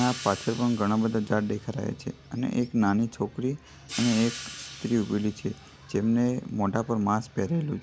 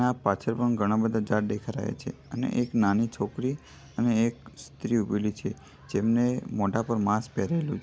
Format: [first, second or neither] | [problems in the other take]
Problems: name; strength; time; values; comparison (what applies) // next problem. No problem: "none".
second | background sound (Hi-hat); 16 dB below the speech